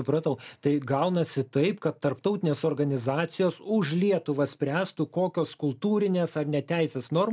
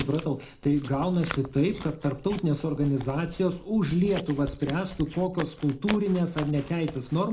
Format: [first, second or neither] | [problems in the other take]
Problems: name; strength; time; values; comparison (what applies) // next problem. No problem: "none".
first | background sound (Chewing, mastication); 14 dB below the speech // room echo; dies away in 0.3 s